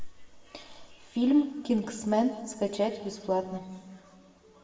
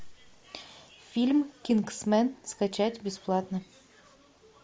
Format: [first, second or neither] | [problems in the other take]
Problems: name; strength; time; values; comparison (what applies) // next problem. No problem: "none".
second | room echo; dies away in 1.4 s